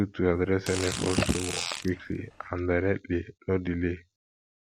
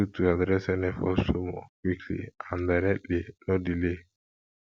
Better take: second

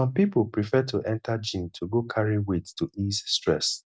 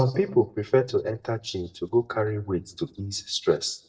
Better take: first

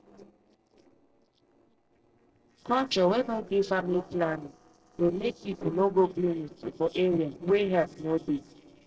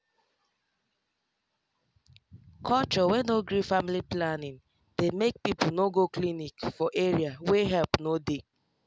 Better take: second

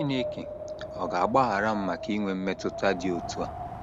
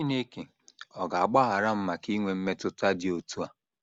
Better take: second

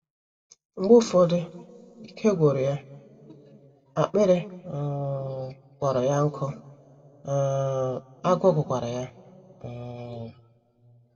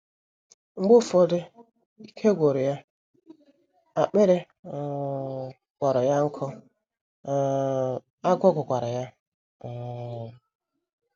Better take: second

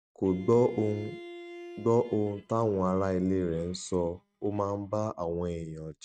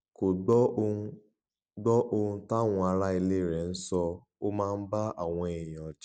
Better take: second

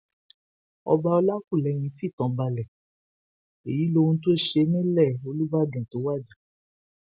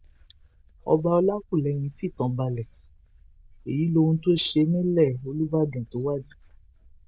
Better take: first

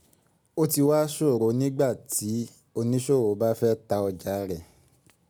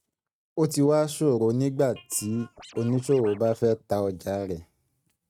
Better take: first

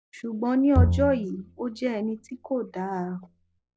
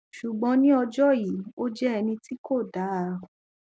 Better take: second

